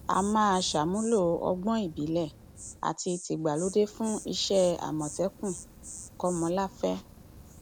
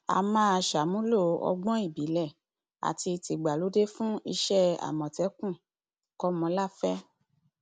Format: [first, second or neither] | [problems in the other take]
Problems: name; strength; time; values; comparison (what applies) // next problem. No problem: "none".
second | background sound (Fire + Insect); 16 dB below the speech